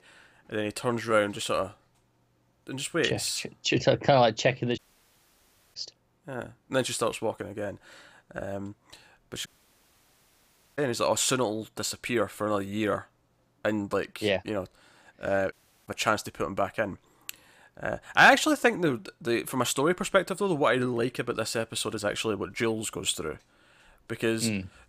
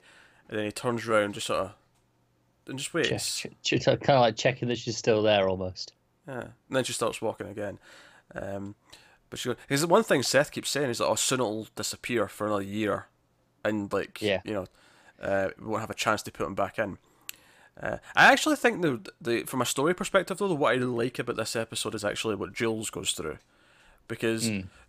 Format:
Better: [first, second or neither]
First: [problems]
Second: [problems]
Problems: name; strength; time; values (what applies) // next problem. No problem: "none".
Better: second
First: audio cutting out; at 5 s for 1 s, at 9.5 s for 1.5 s and at 16 s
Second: none